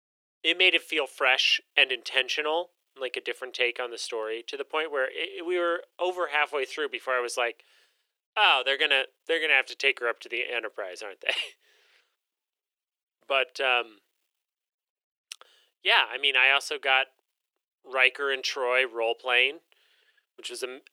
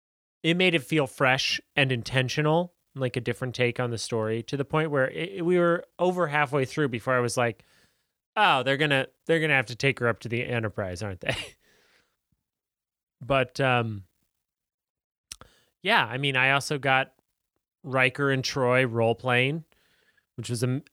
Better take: second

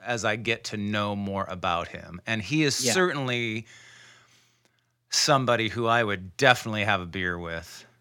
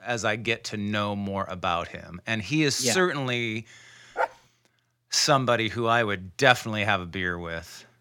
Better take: first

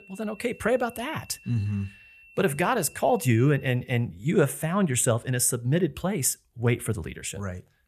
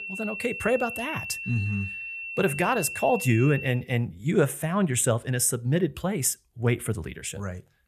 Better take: first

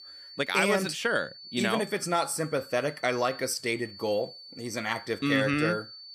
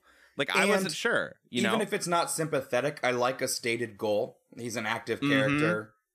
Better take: second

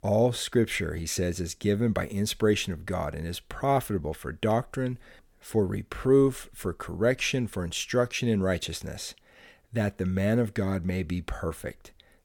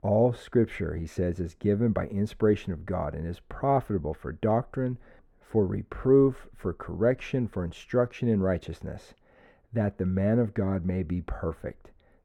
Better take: first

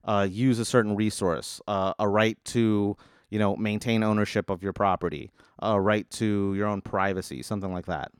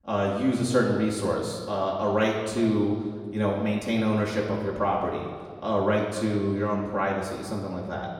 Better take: first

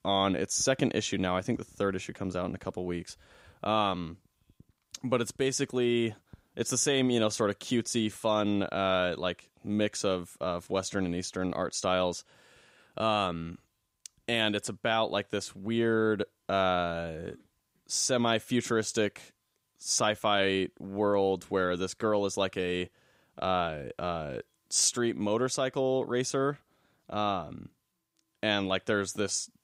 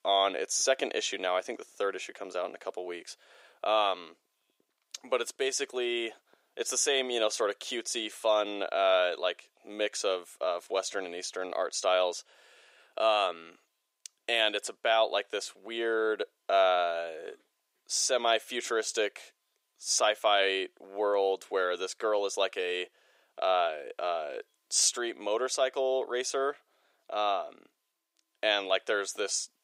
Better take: first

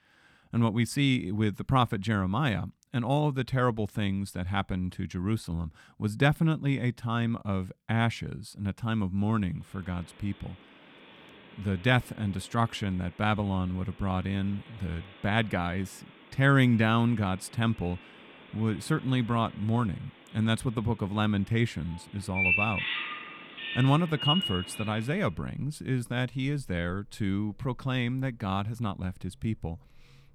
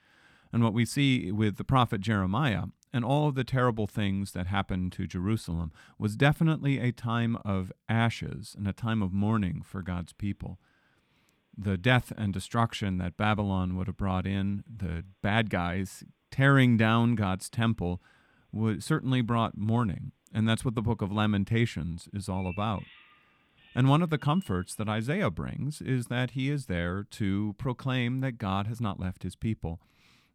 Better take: second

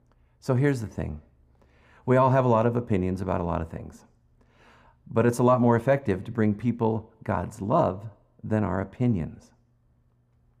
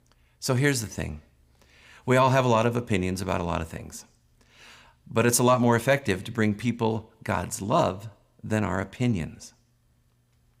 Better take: second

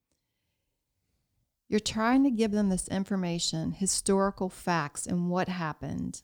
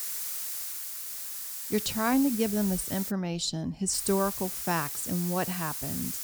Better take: first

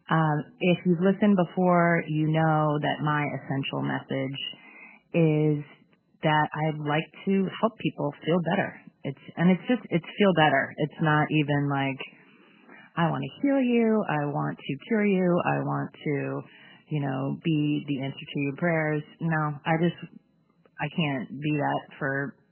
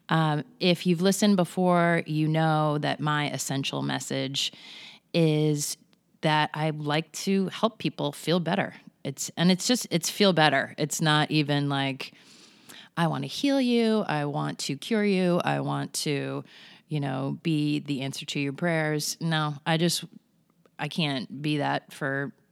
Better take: second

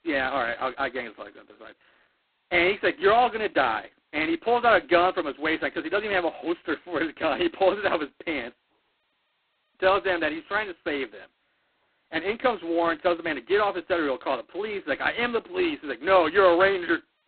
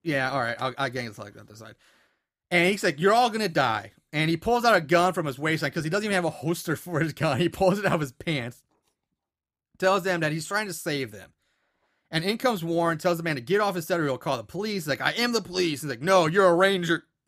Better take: second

